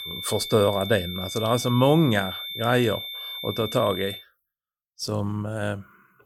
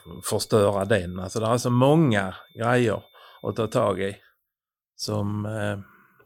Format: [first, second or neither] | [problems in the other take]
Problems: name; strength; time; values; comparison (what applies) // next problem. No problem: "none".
second | high-pitched whine; loud; until 4 s; 3.5 kHz, 8 dB below the speech; faint in the second